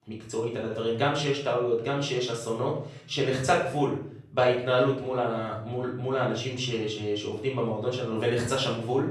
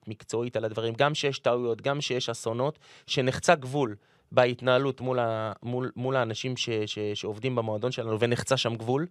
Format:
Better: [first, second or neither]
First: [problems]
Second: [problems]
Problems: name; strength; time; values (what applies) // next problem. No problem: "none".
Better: second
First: off-mic speech; far // room echo; noticeable; dies away in 0.5 s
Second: none